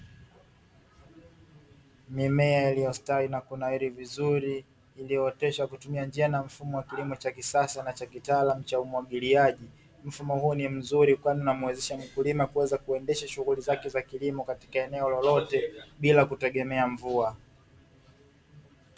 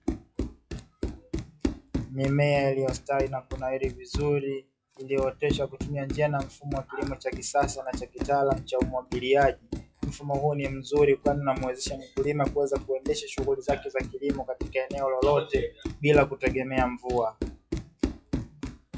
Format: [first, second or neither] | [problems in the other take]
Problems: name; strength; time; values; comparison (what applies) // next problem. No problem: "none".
first | noise reduction (classical method log-MMSE)